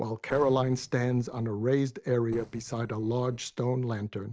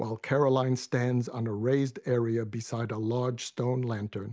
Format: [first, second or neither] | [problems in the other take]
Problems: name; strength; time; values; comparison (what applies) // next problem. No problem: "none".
second | noise reduction (neural separator model SepFormer DNS4)